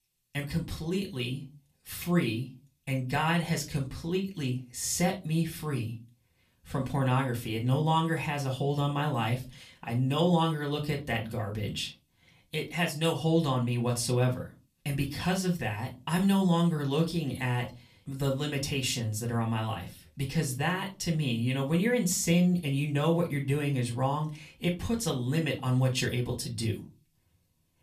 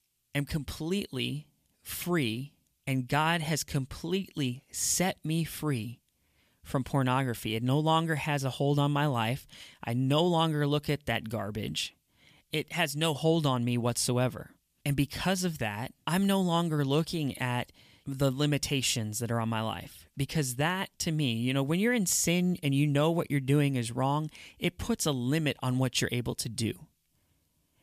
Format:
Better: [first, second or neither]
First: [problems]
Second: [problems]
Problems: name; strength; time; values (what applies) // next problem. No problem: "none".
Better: second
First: off-mic speech; somewhat distant // room echo; very slight; dies away in 0.2 s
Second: none